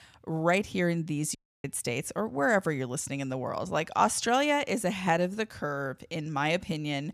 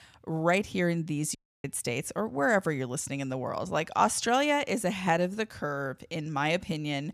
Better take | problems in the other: neither | audio cutting out; at 1.5 s; the same in both

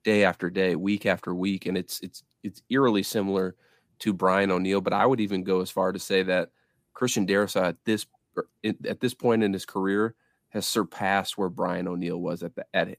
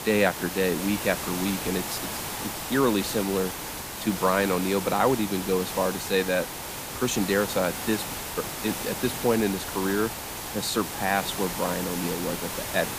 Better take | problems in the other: first | hiss; loud; throughout; 5 dB below the speech

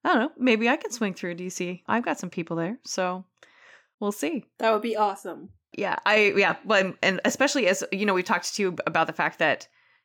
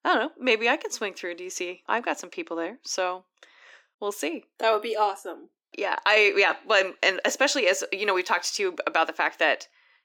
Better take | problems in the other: first | thin; somewhat; fading below 300 Hz

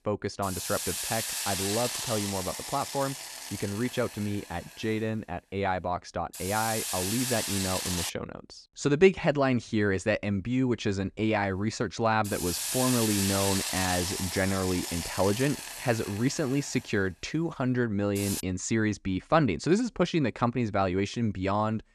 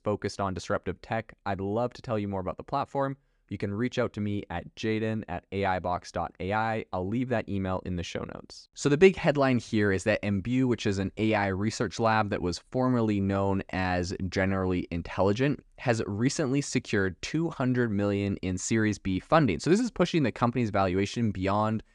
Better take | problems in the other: second | hiss; loud; until 8 s and from 11 to 18 s; 3 dB below the speech

